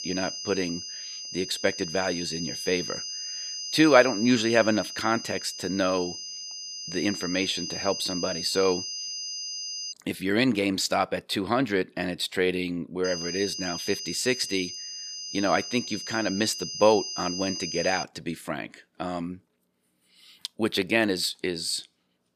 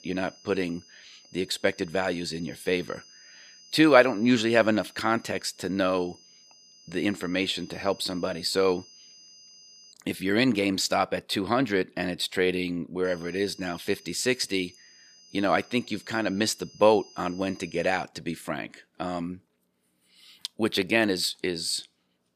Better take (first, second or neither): second